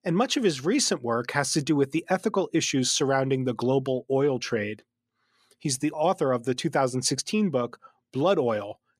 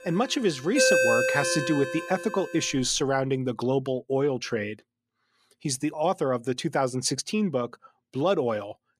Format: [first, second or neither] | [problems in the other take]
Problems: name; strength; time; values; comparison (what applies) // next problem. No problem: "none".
first | alarms or sirens; very loud; until 3 s; 2 dB above the speech